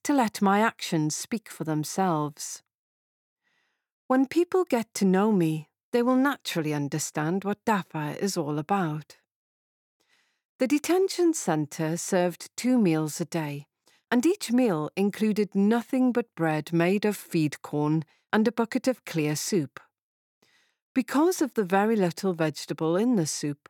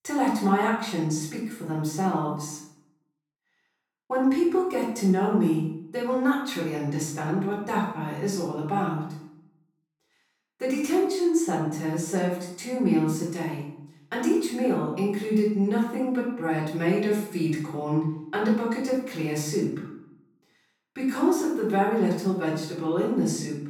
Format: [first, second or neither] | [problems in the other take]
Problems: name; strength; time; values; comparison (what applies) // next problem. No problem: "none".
first | room echo; noticeable; dies away in 0.6 s // off-mic speech; far